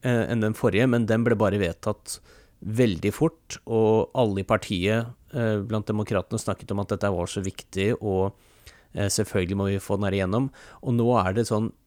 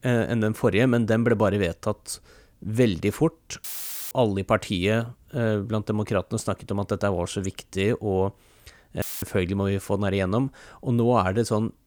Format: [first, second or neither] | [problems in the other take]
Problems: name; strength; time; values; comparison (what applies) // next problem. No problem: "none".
first | audio cutting out; filled with static; at 3.5 s and at 9 s